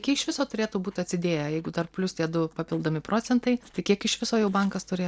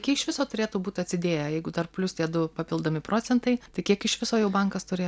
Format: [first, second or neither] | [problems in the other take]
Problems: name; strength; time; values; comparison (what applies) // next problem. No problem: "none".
second | noise reduction (neural separator model SepFormer DNS4)